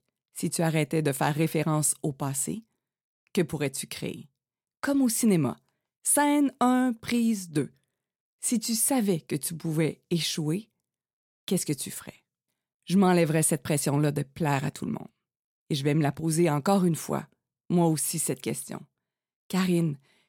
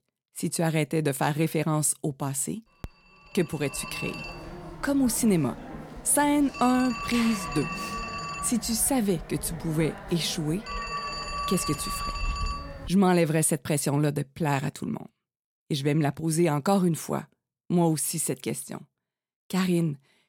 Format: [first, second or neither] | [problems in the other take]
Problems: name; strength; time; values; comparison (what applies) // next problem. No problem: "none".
first | phone ringing; noticeable; from 3 to 13 s; peak 5 dB below the speech